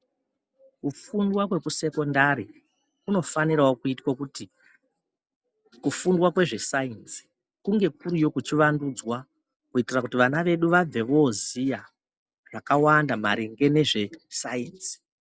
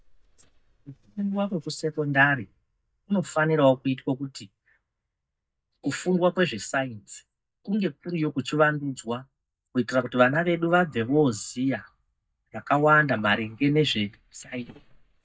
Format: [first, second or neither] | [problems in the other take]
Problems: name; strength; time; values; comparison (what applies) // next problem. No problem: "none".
first | noise reduction (neural mask model DeepFilterNet 3)